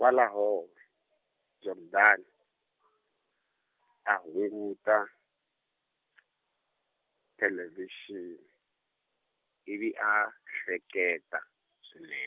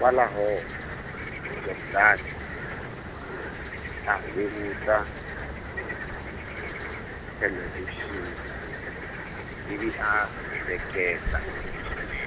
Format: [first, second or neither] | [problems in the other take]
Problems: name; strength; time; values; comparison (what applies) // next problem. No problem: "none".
first | background sound (Cricket); 4 dB below the speech